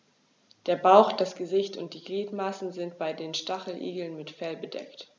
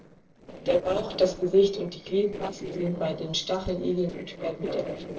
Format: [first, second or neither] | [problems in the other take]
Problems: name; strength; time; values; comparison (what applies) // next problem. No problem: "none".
first | noise reduction (neural separator model SepFormer DNS4)